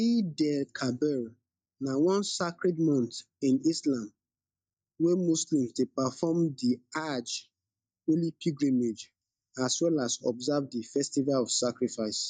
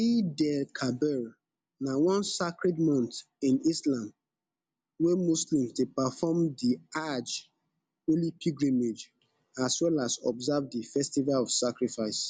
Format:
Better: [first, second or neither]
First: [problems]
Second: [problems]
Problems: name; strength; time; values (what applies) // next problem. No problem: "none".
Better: second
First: noise reduction (neural mask model DeepFilterNet 3)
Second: none